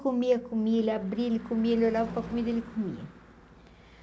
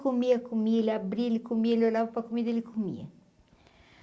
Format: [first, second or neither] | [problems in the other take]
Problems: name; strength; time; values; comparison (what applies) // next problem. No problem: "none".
second | background sound (Car passing by / Engine / Truck); 17 dB below the speech